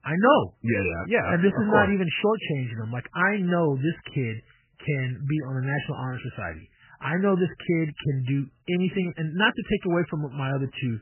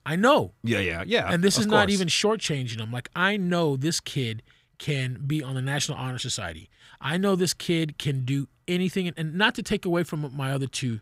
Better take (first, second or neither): second